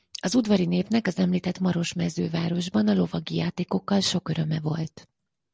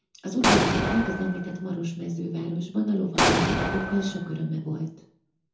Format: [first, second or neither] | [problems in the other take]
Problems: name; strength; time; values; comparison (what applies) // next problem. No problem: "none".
first | background sound (Explosion); 3 dB above the speech // room echo; dies away in 0.6 s